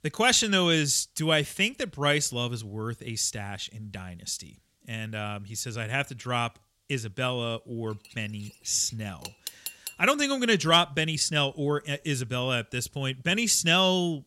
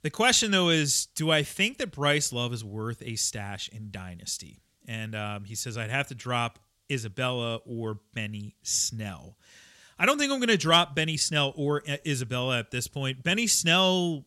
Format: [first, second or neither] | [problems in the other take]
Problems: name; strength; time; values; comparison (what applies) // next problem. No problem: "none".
second | clattering dishes; faint; from 8 to 10 s; peak 10 dB below the speech